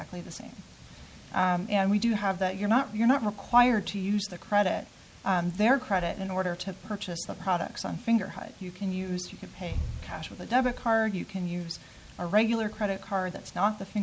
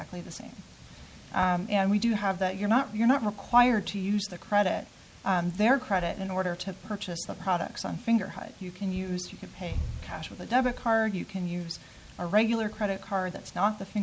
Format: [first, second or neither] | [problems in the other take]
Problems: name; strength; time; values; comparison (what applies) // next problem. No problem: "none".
first | background sound (Bass drum); 20 dB below the speech